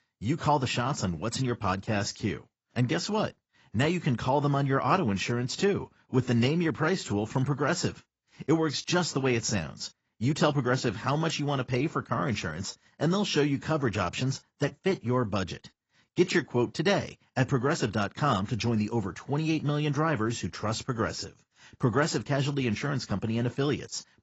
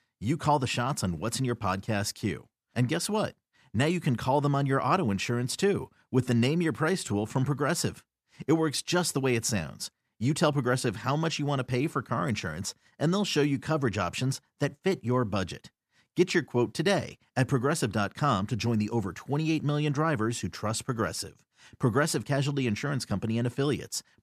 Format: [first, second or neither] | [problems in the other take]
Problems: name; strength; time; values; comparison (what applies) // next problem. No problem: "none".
second | garbled, watery; badly; nothing above 7.5 kHz